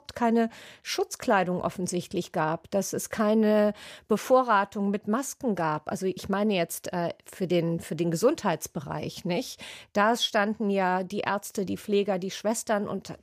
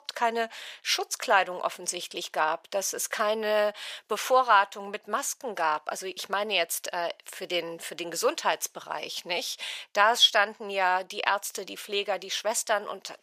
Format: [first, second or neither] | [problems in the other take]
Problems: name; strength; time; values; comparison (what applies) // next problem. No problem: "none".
first | thin; very; fading below 750 Hz